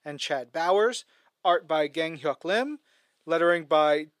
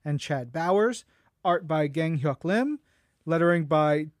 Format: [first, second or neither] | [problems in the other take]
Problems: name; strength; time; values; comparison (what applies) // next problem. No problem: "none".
second | thin; somewhat; fading below 450 Hz